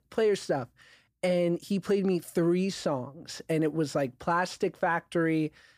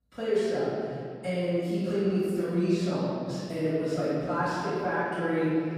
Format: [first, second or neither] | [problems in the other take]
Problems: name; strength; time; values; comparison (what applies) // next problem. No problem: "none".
first | off-mic speech; far // room echo; strong; dies away in 2.6 s